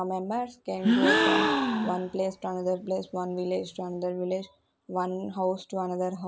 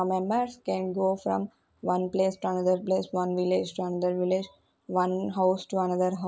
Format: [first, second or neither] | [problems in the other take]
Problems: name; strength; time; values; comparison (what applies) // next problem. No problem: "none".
second | background sound (Gasp); 3 dB above the speech